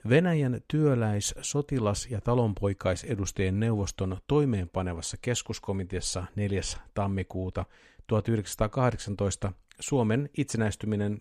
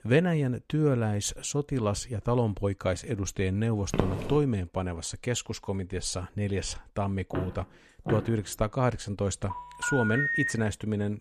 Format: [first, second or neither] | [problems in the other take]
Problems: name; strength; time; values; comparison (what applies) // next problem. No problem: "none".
first | footsteps; noticeable; at 4 s and from 7.5 to 8.5 s; peak 1 dB below the speech // phone ringing; loud; from 9.5 to 11 s; peak 3 dB above the speech